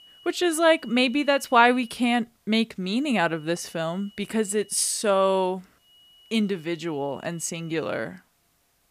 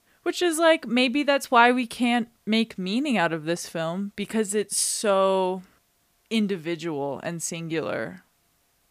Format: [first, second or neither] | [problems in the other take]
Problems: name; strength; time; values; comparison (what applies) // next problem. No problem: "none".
second | high-pitched whine; faint; until 2 s, from 3 to 5 s and from 6 to 8 s; 3 kHz, 25 dB below the speech